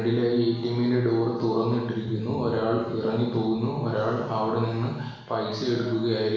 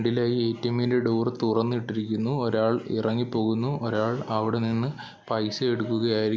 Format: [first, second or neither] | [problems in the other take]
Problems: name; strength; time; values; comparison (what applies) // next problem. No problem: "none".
second | background sound (Tabla); 19 dB below the speech // room echo; dies away in 0.9 s